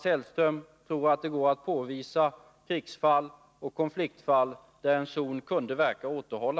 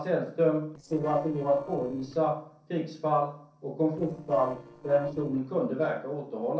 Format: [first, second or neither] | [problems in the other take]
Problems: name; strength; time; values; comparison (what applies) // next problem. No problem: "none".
first | noise reduction (neural separator model SepFormer DNS4)